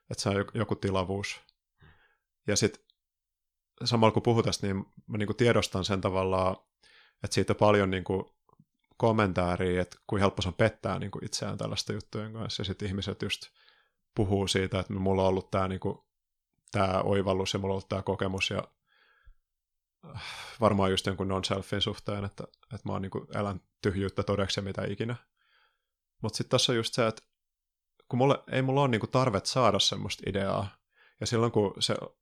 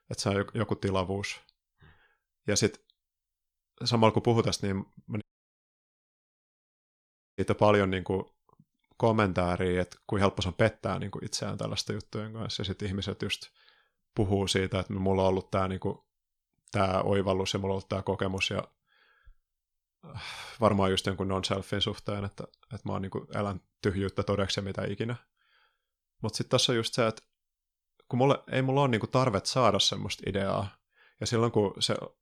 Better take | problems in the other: first | audio cutting out; at 5 s for 2 s

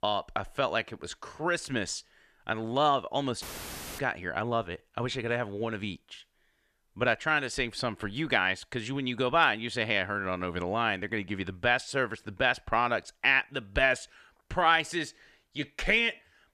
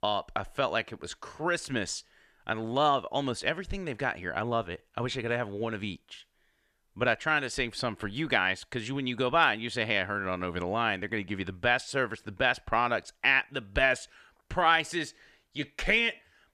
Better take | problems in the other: second | audio cutting out; filled with static; at 3.5 s for 0.5 s

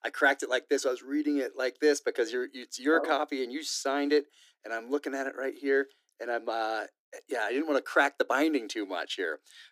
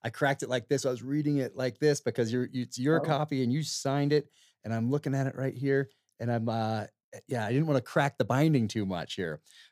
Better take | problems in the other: second | thin; somewhat; fading below 300 Hz

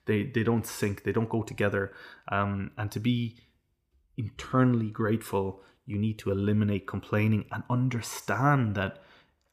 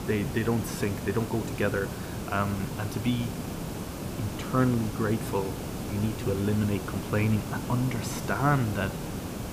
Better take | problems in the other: first | hiss; loud; throughout; 5 dB below the speech

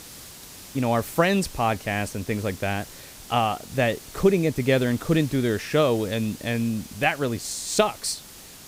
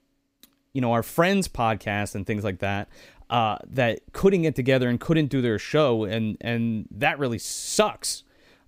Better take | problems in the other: second | hiss; noticeable; throughout; 15 dB below the speech

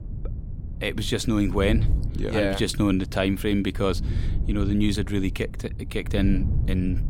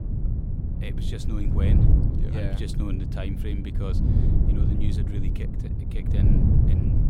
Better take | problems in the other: first | wind noise on the microphone; heavy; 3 dB above the speech; occasional gusts in the first

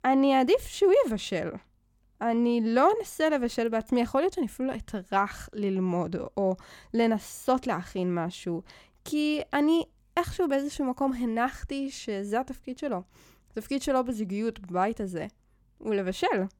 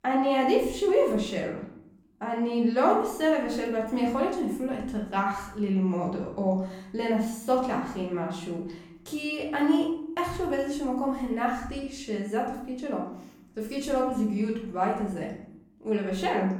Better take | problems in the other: first | room echo; noticeable; dies away in 0.6 s // off-mic speech; far

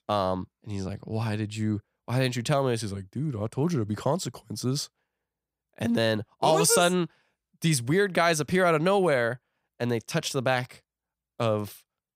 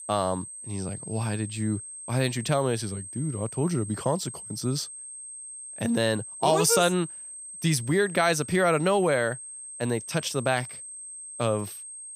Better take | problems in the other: first | high-pitched whine; noticeable; throughout; 8.5 kHz, 10 dB below the speech

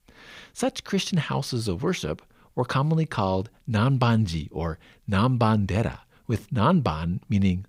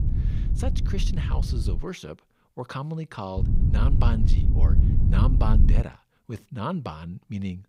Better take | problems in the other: first | wind noise on the microphone; heavy; until 2 s and from 3.5 to 6 s; 3 dB below the speech

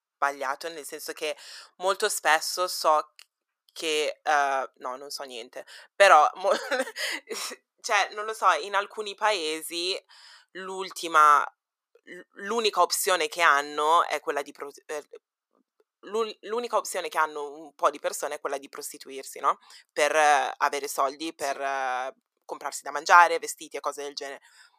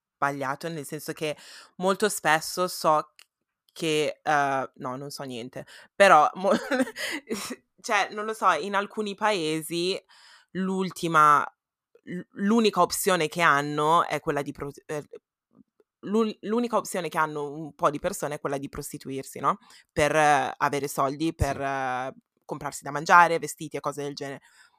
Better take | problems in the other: second | thin; very; fading below 450 Hz

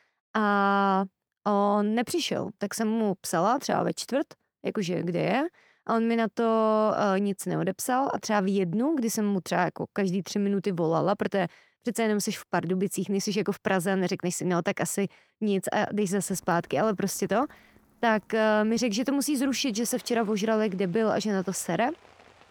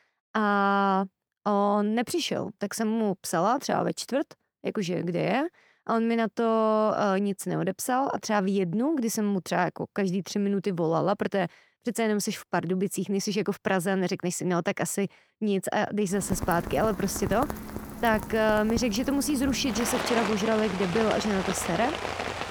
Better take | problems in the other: first | rain or running water; loud; from 16 s on; 7 dB below the speech; faint in the first

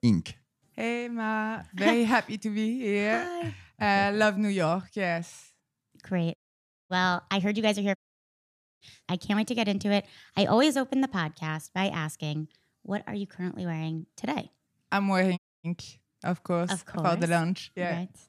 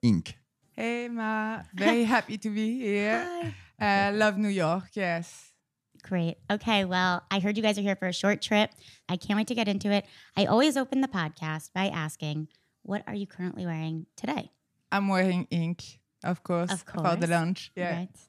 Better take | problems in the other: second | audio cutting out; at 6.5 s for 0.5 s, at 8 s for 1 s and at 15 s

